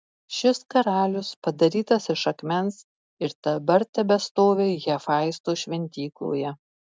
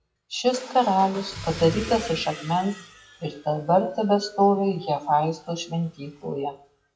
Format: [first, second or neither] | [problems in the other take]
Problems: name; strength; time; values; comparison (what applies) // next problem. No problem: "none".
first | noise reduction (classical method WPE with log-MMSE)